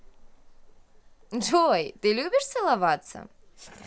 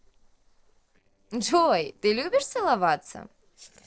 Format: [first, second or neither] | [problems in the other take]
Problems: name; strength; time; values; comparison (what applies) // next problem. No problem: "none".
first | noise reduction (neural separator model SepFormer DNS4)